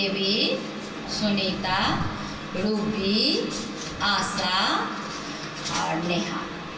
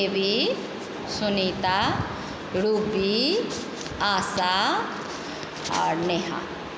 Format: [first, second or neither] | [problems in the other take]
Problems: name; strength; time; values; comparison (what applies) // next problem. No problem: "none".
second | room echo; dies away in 0.2 s